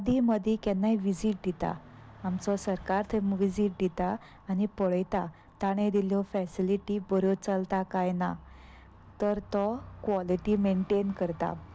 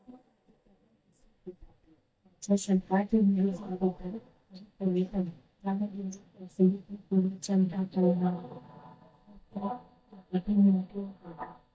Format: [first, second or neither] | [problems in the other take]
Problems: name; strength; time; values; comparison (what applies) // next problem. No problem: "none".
first | noise reduction (neural mask model DeepFilterNet 3)